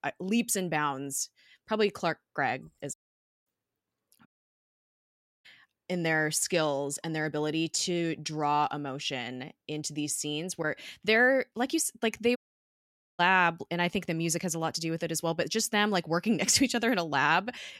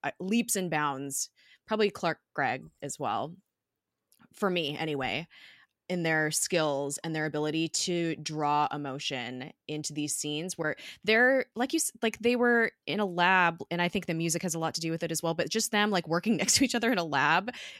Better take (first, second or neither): second